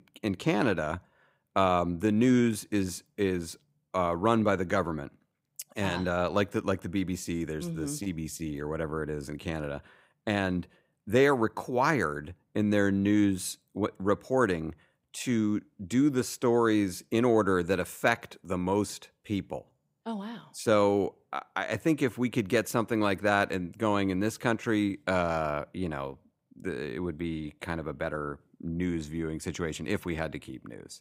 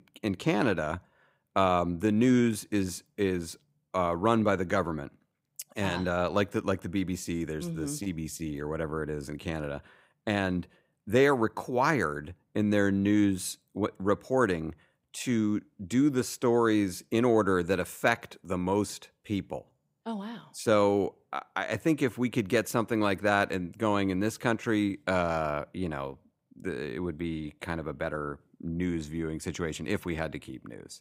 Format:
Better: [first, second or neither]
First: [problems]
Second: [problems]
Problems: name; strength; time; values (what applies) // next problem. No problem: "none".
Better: neither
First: none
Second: none